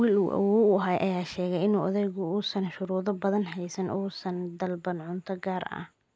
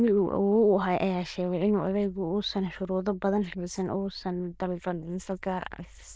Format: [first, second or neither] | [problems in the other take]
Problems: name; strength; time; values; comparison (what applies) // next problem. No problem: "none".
first | noise reduction (neural diffusion model UNIVERSE++)